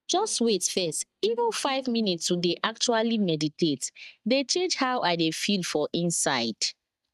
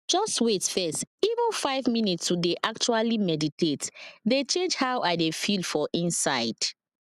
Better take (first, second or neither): second